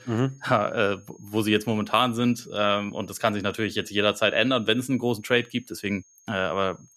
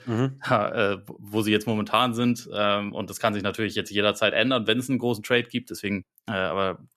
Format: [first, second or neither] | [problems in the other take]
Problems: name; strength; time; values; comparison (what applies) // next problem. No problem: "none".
second | high-pitched whine; faint; throughout; 6.5 kHz, 30 dB below the speech